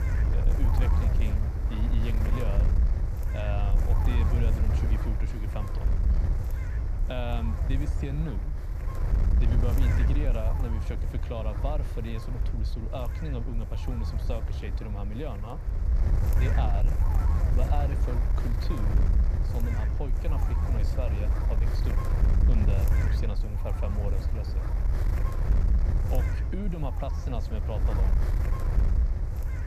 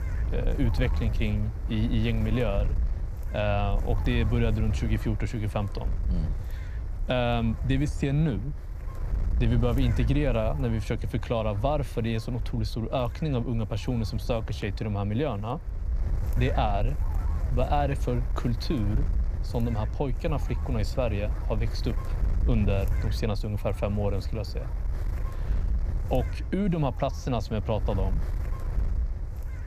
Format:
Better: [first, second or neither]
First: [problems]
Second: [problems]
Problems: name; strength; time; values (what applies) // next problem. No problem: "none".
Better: second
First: wind noise on the microphone; heavy; 1 dB below the speech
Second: wind noise on the microphone; occasional gusts; 15 dB below the speech